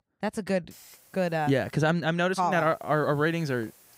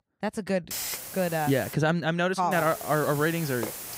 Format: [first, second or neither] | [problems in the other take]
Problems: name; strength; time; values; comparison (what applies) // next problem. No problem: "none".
first | hiss; loud; from 0.5 to 1.5 s and from 2.5 s on; 9 dB below the speech; faint in the first